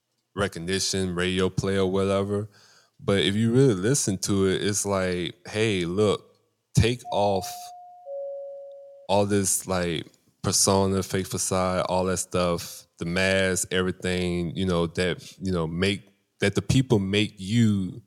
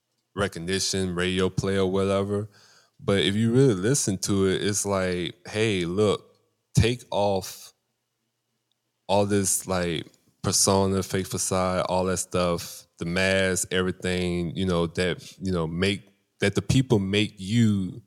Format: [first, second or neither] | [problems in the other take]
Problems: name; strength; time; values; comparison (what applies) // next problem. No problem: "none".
second | doorbell; noticeable; from 7 to 9 s; peak 10 dB below the speech